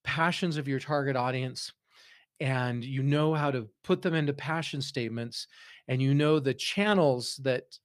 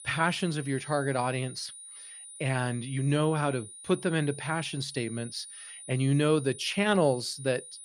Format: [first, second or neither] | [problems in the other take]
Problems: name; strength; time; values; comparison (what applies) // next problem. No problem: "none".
first | high-pitched whine; noticeable; throughout; 9.5 kHz, 15 dB below the speech